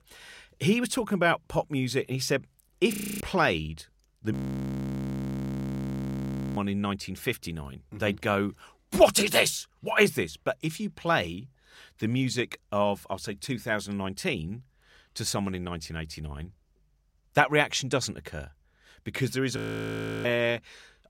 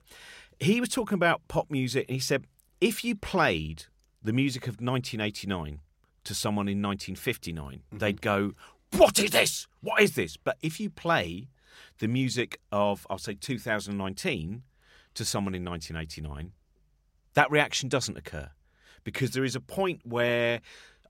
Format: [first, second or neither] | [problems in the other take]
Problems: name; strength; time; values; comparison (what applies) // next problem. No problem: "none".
second | audio freezing; at 3 s, at 4.5 s for 2 s and at 20 s for 0.5 s